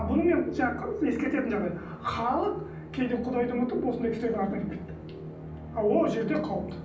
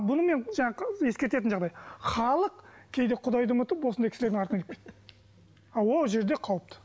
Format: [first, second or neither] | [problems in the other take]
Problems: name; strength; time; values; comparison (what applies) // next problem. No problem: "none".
second | background sound (Musical instrument); 12 dB below the speech // room echo; dies away in 0.6 s